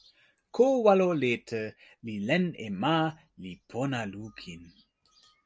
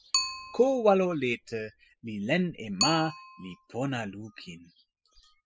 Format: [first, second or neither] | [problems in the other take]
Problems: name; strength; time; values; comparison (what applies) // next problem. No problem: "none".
first | noise reduction (classical method spectral subtraction)